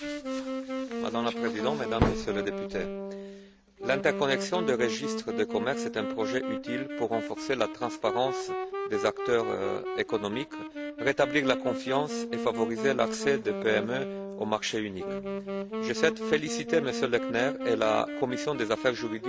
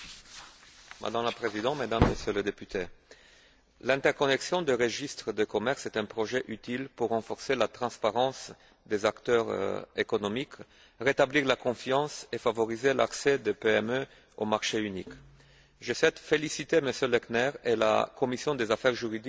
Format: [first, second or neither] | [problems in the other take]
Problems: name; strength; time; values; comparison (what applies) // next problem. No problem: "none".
second | background sound (Wind instrument, woodwind instrument); 4 dB below the speech